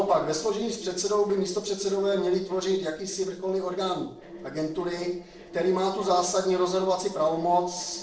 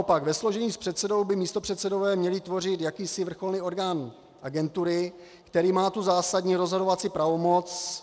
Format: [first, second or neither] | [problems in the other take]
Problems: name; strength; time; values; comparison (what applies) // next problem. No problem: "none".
second | noise reduction (neural separator model SepFormer DNS4)